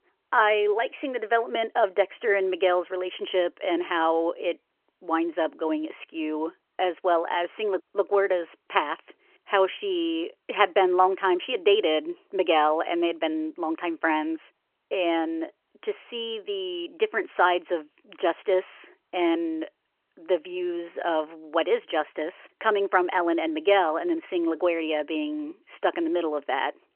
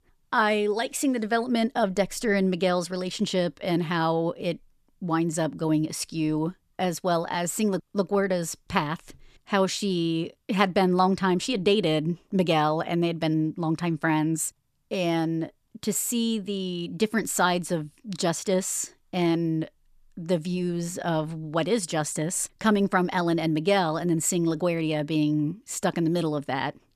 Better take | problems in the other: second | phone-call audio; nothing above 3 kHz

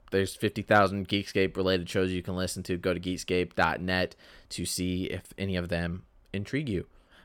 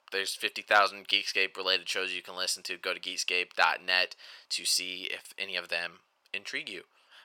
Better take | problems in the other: first | thin; very; fading below 800 Hz

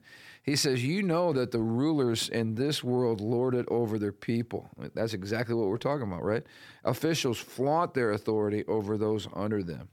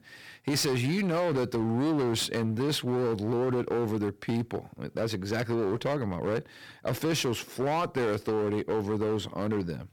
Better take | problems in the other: first | distortion; slight; 19% of the sound clipped

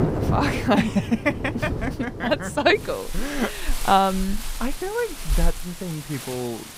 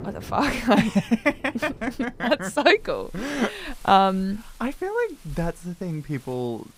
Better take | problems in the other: second | rain or running water; loud; throughout; 6 dB below the speech; faint in the second

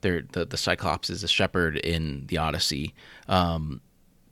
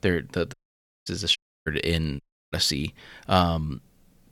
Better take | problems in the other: first | audio cutting out; at 0.5 s for 0.5 s, at 1.5 s and at 2 s

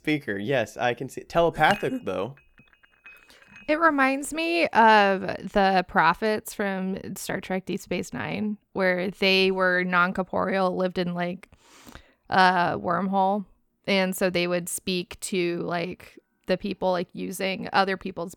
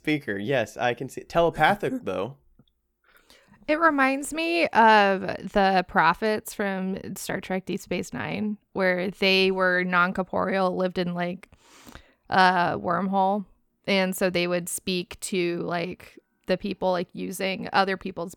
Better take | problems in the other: second | clattering dishes; faint; at 1.5 s; peak 10 dB below the speech

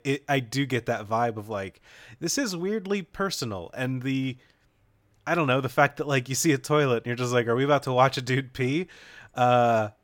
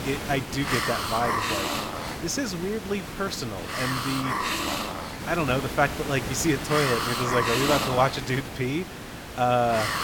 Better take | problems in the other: first | hiss; loud; throughout; 2 dB below the speech

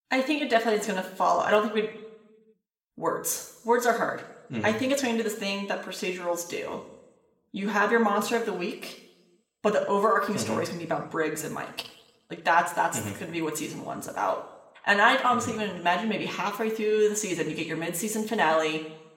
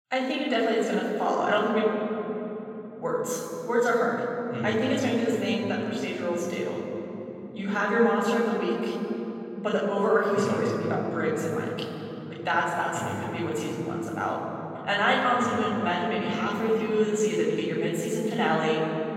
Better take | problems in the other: first | room echo; strong; dies away in 3 s; slight in the first // off-mic speech; far

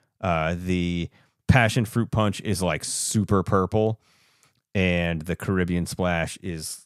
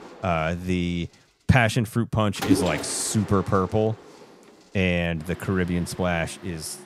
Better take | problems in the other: first | machinery noise; loud; throughout; 8 dB below the speech

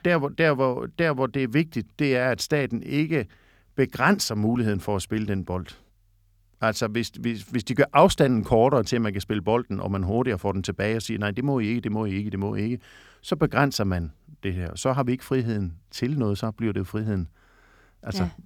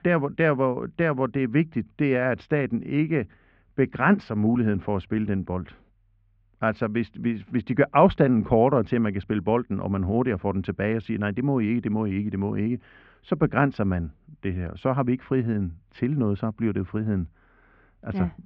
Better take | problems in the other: first | muffled; very; fading above 2.5 kHz

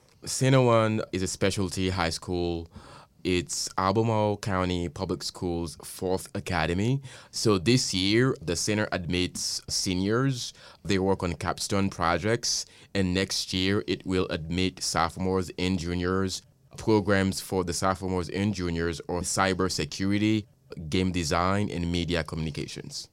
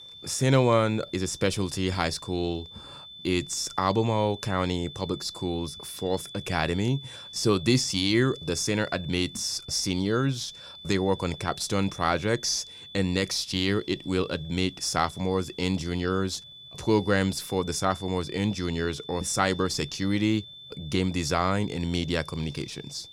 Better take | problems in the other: first | high-pitched whine; noticeable; throughout; 3.5 kHz, 15 dB below the speech

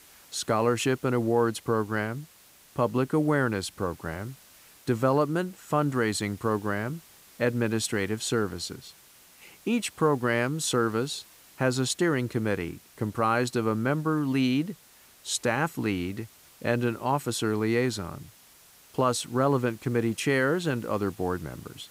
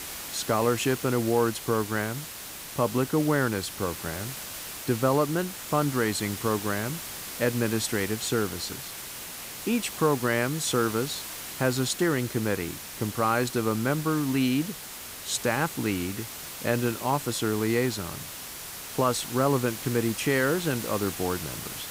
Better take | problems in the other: first | hiss; loud; throughout; 8 dB below the speech; faint in the first

